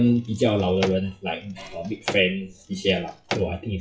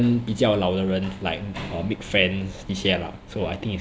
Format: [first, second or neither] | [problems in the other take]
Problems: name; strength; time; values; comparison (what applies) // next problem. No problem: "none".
second | noise reduction (classical method WPE with log-MMSE)